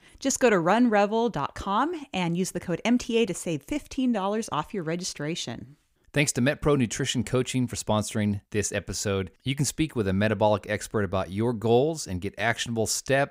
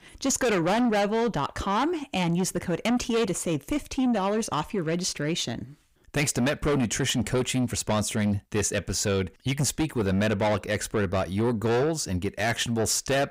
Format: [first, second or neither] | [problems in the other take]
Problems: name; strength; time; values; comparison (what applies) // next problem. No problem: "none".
first | distortion; heavy; 7 dB below the speech